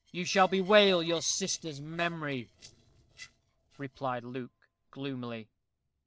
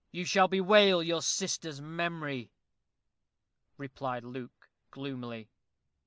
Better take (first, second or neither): second